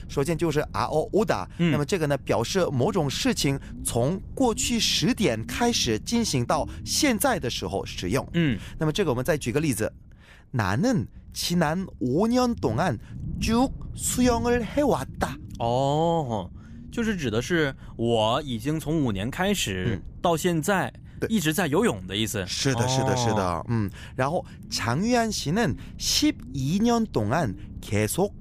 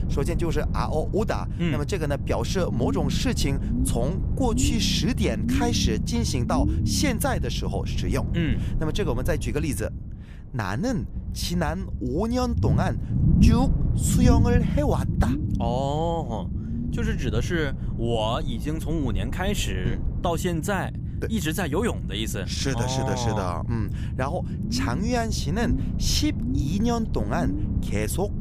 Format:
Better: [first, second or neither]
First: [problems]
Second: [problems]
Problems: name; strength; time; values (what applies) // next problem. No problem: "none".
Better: first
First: low rumble; faint; throughout; 25 dB below the speech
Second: low rumble; loud; throughout; 8 dB below the speech